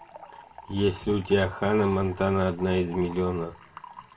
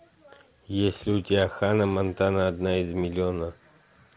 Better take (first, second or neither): second